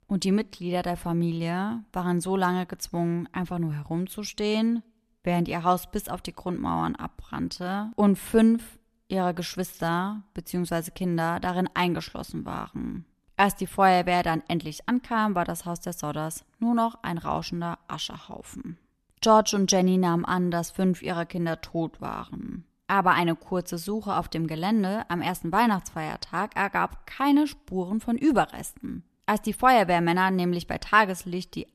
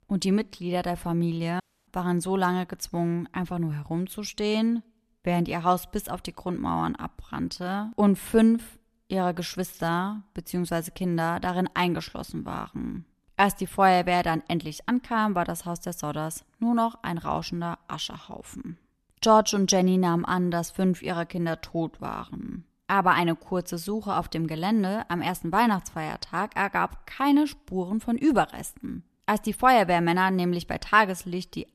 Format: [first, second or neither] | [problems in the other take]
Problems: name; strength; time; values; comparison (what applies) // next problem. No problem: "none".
first | audio cutting out; at 1.5 s